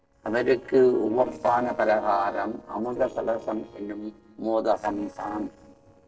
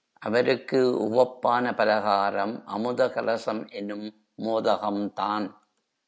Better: second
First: noise reduction (neural separator model SepFormer DNS4)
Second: none

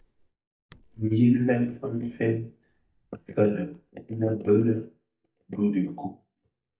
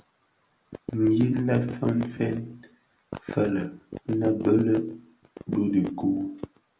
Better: second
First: noise reduction (neural mask model DeepFilterNet 3)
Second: none

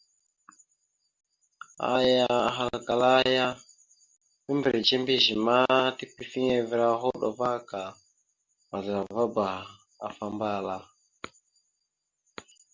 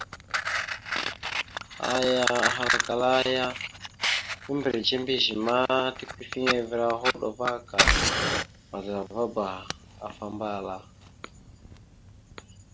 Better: first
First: none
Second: background sound (Fire); 1 dB below the speech

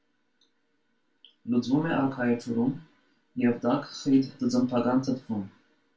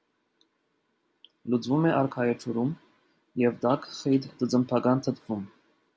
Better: second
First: room echo; dies away in 0.2 s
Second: none

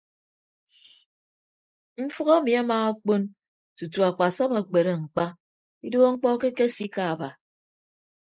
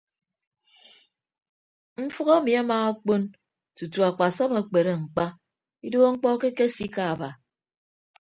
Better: second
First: noise reduction (neural mask model Resemble Enhance denoiser)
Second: none

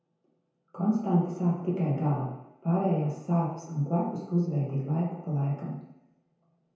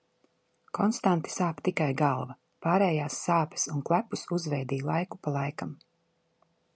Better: second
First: room echo; dies away in 0.9 s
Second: none

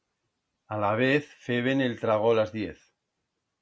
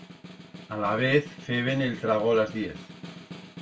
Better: first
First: none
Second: background sound (Snare drum); 16 dB below the speech // room echo; dies away in 0.2 s

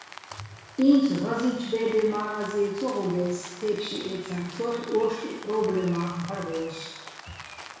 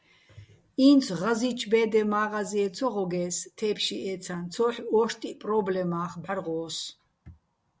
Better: second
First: background sound (Rain); 17 dB below the speech // room echo; dies away in 1.1 s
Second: none

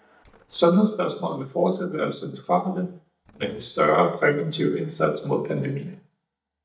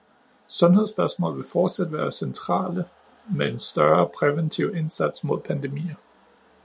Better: second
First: noise reduction (neural mask model DeepFilterNet 3)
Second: none

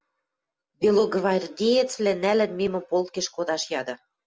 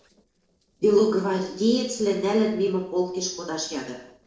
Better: first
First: none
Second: noise reduction (neural separator model SepFormer DNS4)

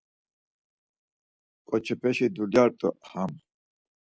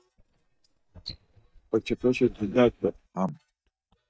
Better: first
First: none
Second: noise reduction (neural mask model DeepFilterNet 3)

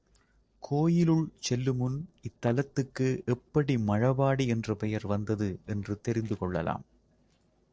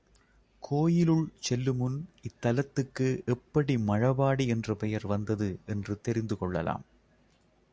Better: second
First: noise reduction (neural separator model SepFormer DNS4)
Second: none

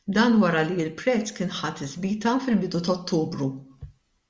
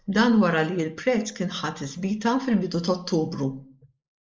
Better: first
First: none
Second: noise reduction (neural mask model Resemble Enhance denoiser)

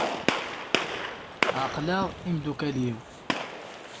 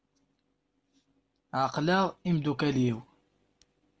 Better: second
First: background sound (Gunshot, gunfire); 1 dB above the speech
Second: none

